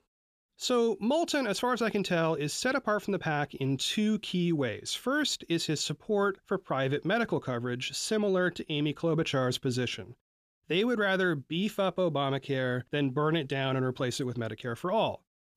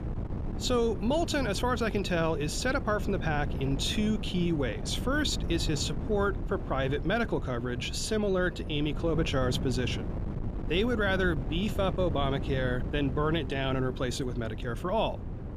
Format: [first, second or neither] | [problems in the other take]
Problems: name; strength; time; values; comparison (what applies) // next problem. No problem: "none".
first | wind noise on the microphone; occasional gusts; 15 dB below the speech